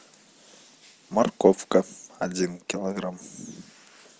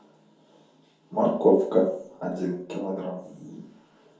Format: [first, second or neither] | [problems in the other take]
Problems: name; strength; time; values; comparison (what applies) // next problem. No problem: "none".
first | room echo; dies away in 0.6 s